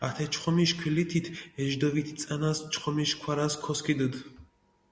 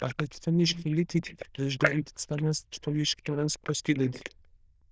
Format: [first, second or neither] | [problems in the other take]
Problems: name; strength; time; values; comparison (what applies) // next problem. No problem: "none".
first | noise reduction (neural diffusion model UNIVERSE++)